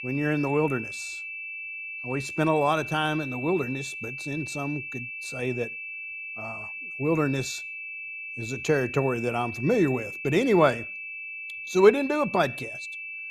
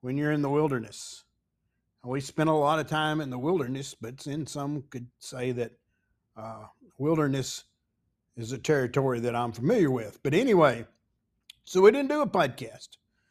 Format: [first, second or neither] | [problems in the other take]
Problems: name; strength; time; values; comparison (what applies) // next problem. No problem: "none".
second | high-pitched whine; loud; throughout; 2.5 kHz, 8 dB below the speech